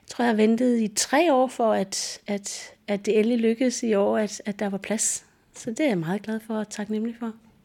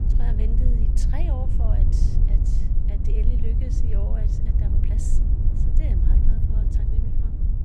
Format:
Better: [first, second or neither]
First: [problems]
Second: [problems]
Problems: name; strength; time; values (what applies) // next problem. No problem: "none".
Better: first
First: none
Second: wind noise on the microphone; heavy; 2 dB above the speech